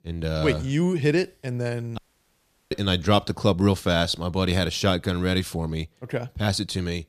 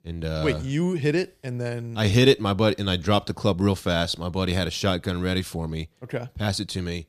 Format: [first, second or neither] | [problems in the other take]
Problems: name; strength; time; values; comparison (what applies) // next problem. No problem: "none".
second | audio cutting out; at 2 s for 0.5 s